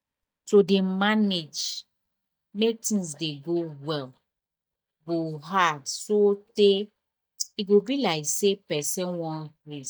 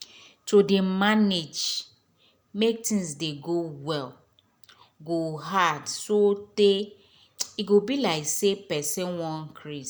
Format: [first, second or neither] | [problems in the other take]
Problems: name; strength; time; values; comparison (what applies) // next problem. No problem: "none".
second | noise reduction (neural mask model DeepFilterNet 3)